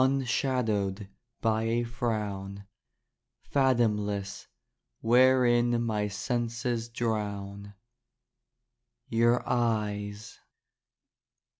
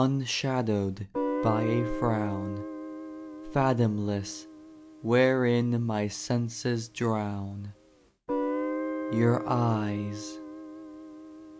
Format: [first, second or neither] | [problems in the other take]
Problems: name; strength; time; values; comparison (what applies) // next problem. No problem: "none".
first | background sound (Guitar); 7 dB below the speech